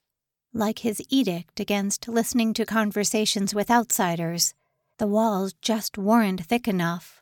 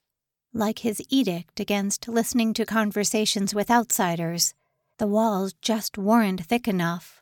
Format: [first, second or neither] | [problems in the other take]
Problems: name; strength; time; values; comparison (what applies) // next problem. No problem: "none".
neither | none